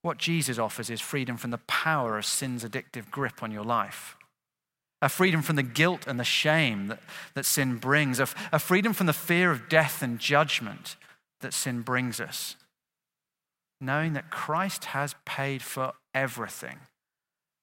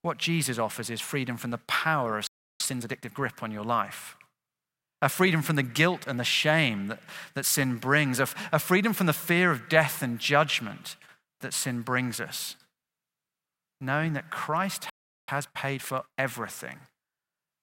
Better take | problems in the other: first | audio freezing; at 2.5 s and at 15 s

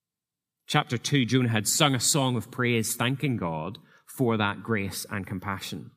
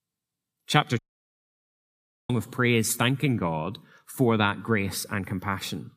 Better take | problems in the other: first | audio cutting out; at 1 s for 1.5 s

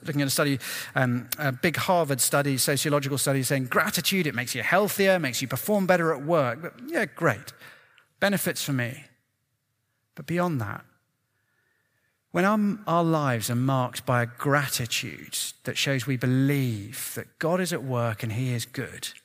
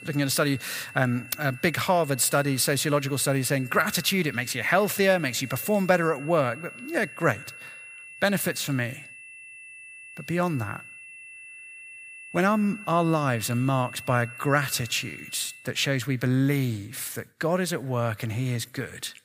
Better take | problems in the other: first | high-pitched whine; noticeable; until 16 s; 2.5 kHz, 15 dB below the speech

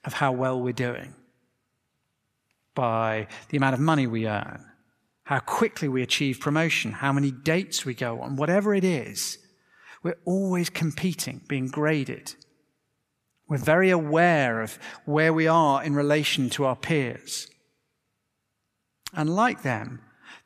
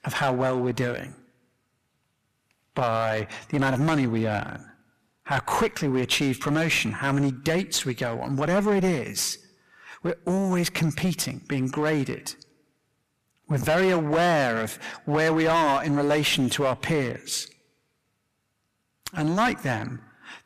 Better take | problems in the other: first | distortion; heavy; 9% of the sound clipped

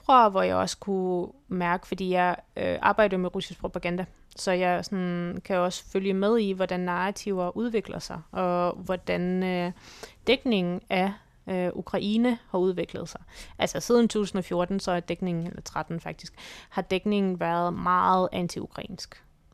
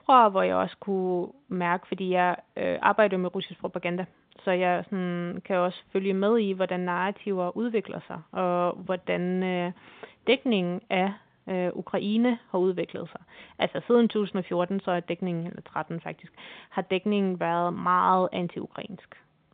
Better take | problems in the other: first | phone-call audio; nothing above 3.5 kHz

